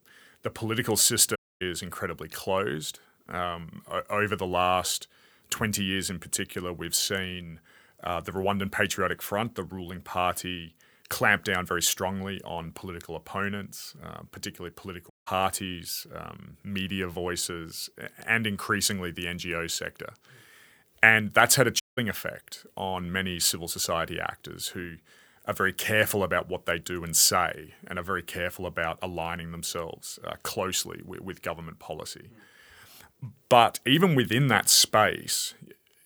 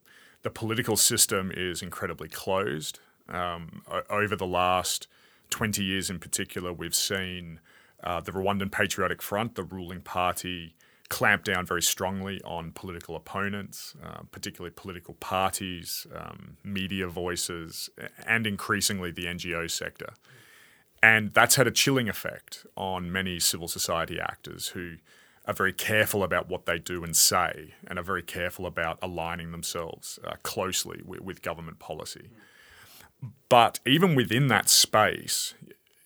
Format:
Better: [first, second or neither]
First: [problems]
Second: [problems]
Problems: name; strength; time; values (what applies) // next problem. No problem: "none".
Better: second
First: audio cutting out; at 1.5 s, at 15 s and at 22 s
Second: none